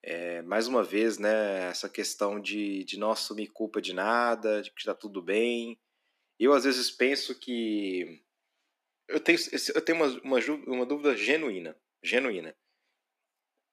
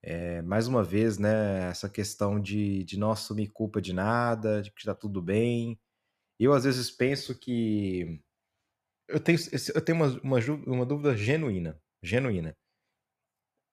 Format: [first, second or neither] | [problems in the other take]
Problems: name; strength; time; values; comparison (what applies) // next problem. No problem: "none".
second | thin; somewhat; fading below 250 Hz